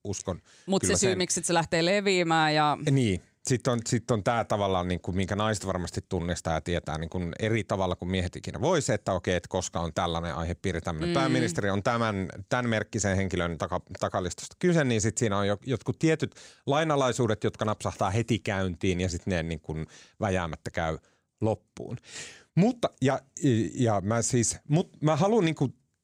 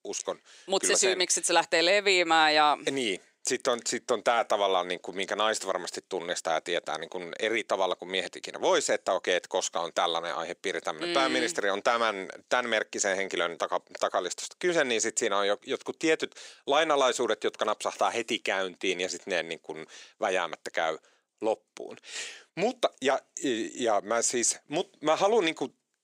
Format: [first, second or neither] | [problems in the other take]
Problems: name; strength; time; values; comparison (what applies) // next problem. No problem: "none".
first | thin; very; fading below 350 Hz